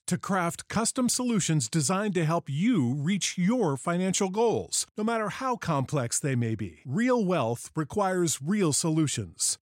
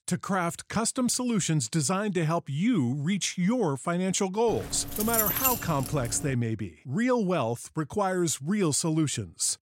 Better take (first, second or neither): first